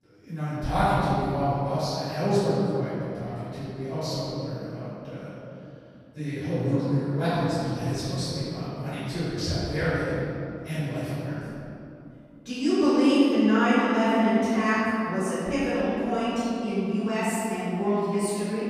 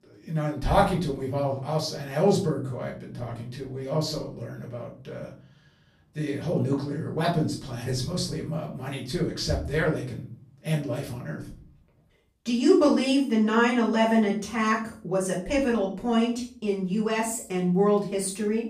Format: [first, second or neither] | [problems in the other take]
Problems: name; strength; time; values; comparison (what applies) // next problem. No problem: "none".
second | room echo; strong; dies away in 2.6 s; slight in the second // off-mic speech; far; far in the second